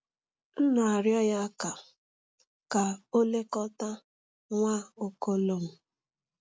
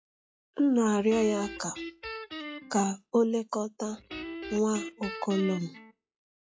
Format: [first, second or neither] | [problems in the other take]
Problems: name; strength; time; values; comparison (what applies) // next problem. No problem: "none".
first | noise reduction (classical method log-MMSE)